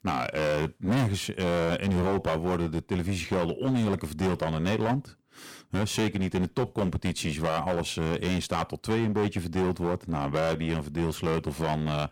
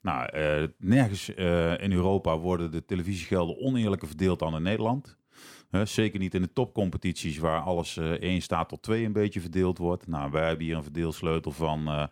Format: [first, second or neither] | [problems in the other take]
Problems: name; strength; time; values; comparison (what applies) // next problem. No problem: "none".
second | distortion; heavy; 16% of the sound clipped